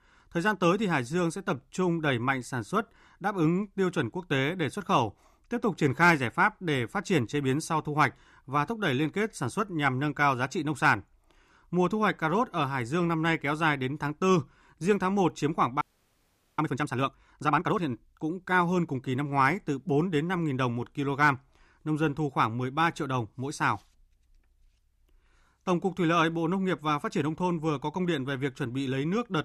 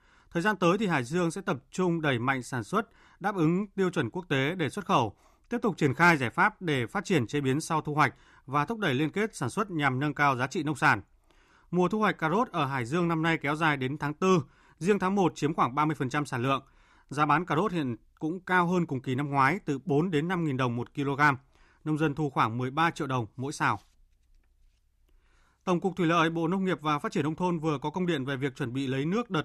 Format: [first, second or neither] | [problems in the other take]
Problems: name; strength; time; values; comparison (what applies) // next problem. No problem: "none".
second | audio freezing; at 16 s for 1 s